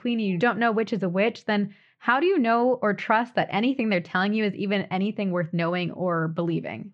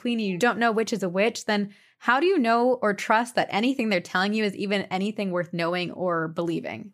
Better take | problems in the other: second | muffled; slightly; fading above 3.5 kHz

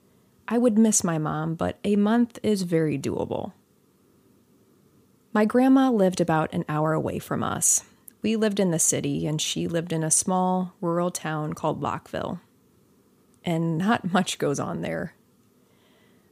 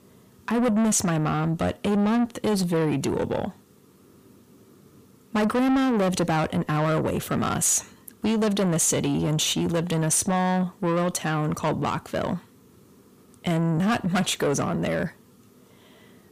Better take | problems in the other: first | distortion; heavy; 7 dB below the speech

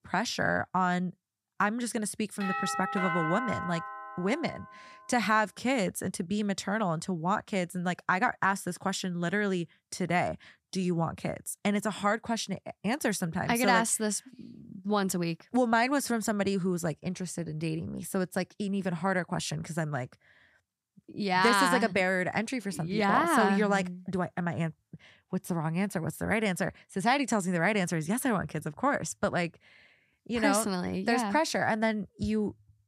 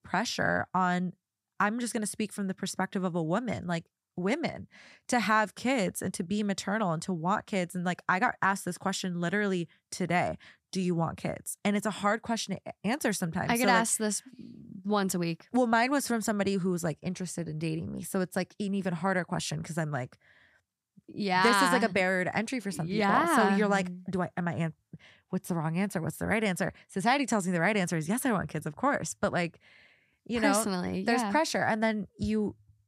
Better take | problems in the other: second | doorbell; noticeable; from 2.5 to 4.5 s; peak 1 dB below the speech

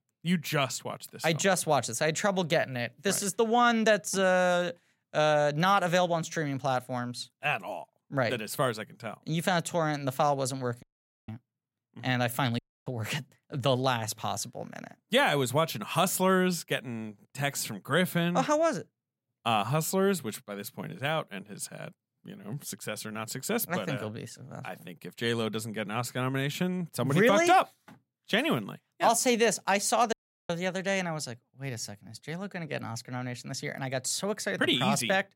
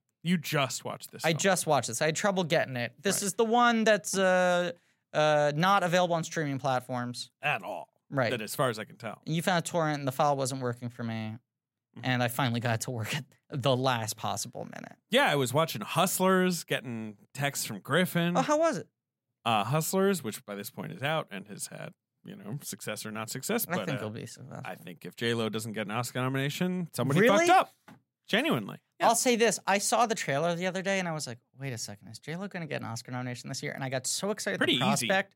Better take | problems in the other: second | audio cutting out; at 11 s, at 13 s and at 30 s

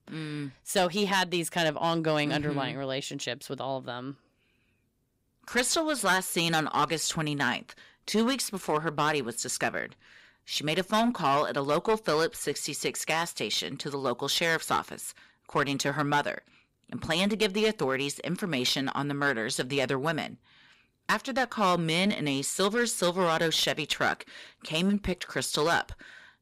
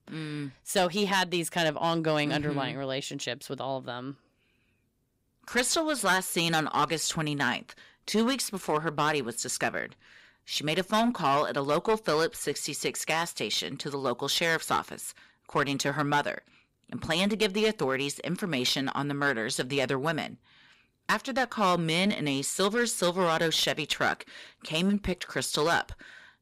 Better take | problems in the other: neither | distortion; slight; 4% of the sound clipped; the same in both

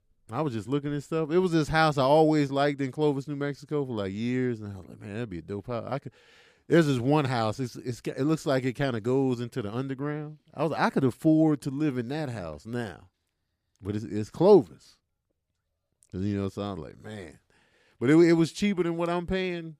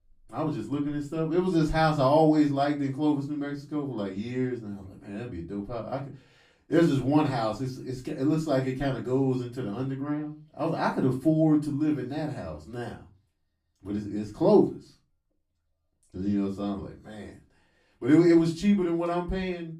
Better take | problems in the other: first | off-mic speech; far // room echo; very slight; dies away in 0.3 s

